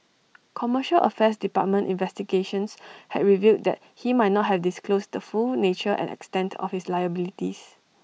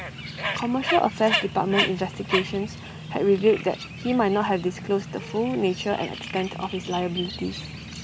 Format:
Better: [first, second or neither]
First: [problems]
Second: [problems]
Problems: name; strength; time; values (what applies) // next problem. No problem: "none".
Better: first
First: none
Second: background sound (Bird); 7 dB below the speech